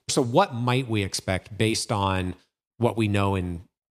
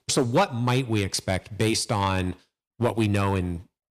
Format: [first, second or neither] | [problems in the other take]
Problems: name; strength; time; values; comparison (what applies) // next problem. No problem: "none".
first | distortion; slight; 3% of the sound clipped